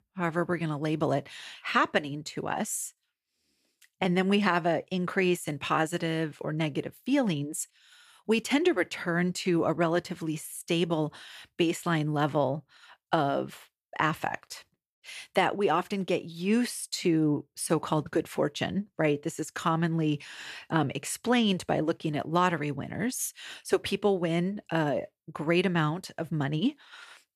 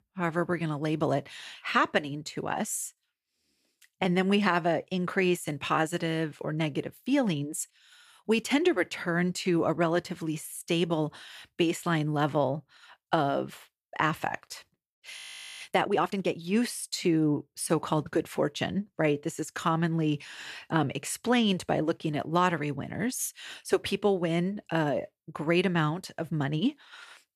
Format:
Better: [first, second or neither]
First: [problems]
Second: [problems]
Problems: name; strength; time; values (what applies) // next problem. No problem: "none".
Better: first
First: none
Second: audio freezing; at 15 s